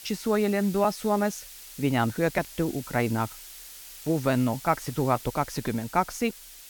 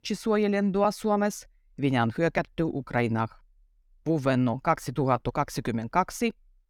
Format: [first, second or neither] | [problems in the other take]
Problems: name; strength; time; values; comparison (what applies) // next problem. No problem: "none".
second | hiss; noticeable; throughout; 15 dB below the speech